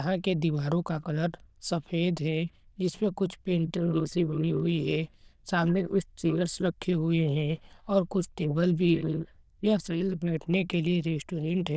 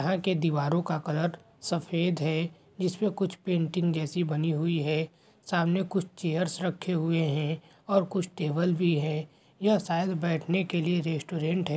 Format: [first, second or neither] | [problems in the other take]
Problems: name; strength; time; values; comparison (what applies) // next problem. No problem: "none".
second | noise reduction (neural diffusion model UNIVERSE++)